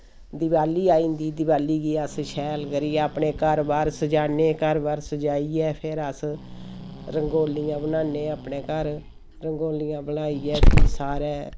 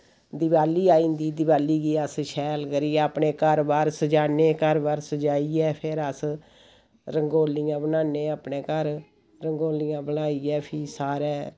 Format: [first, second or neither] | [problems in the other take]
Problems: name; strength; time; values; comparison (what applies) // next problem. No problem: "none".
second | background sound (Growling); 2 dB below the speech